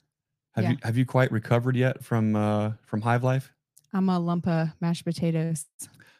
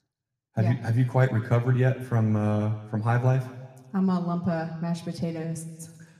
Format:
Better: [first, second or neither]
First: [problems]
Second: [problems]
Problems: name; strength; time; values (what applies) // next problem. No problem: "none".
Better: first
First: none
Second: room echo; slight; dies away in 1.4 s